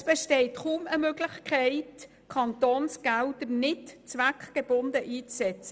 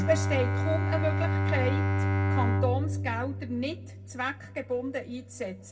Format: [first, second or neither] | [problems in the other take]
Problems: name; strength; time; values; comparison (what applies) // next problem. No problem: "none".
first | background sound (Bowed string instrument); 4 dB above the speech // room echo; dies away in 0.4 s